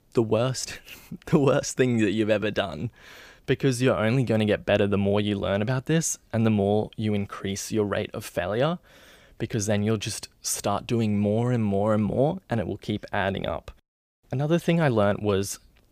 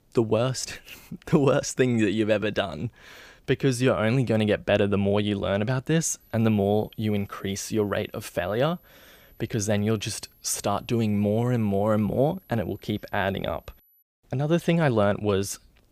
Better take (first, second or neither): first